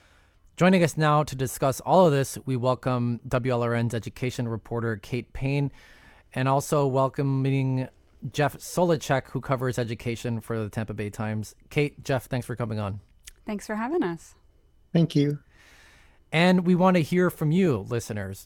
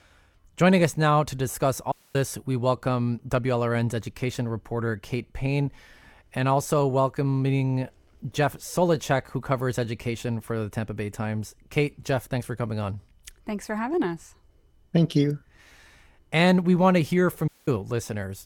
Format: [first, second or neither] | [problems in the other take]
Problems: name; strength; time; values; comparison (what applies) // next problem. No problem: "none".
first | audio cutting out; at 2 s and at 17 s